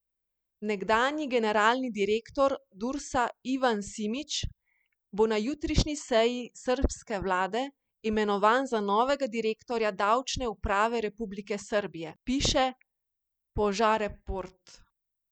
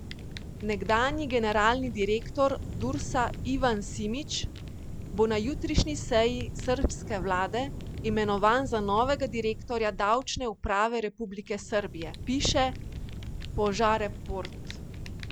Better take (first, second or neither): first